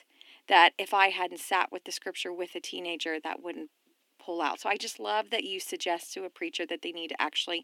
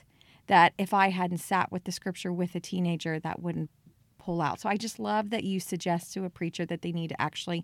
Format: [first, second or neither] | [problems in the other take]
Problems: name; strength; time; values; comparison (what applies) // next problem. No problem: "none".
second | thin; very; fading below 300 Hz